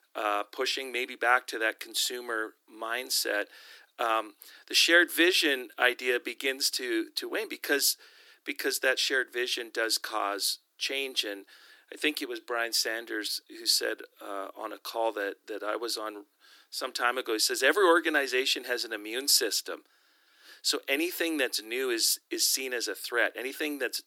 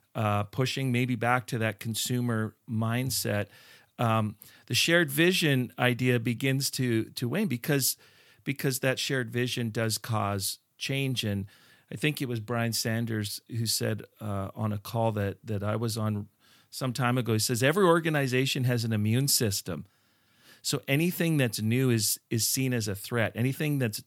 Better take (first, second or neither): second